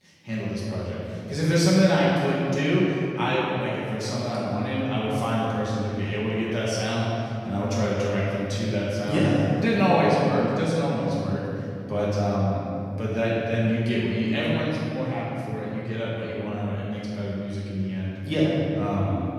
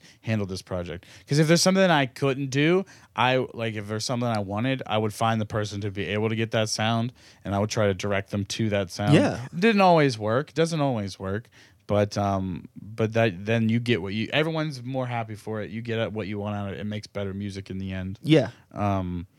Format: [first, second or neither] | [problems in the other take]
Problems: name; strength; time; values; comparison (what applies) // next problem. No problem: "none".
second | room echo; strong; dies away in 2.7 s // off-mic speech; far